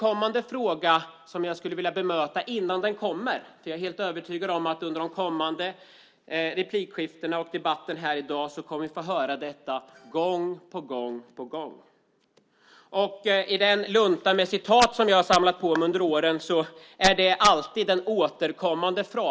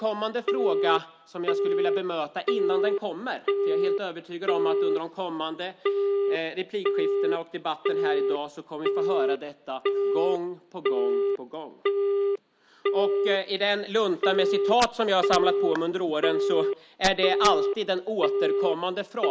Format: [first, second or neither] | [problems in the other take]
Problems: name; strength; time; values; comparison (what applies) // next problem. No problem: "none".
first | background sound (Telephone); 2 dB above the speech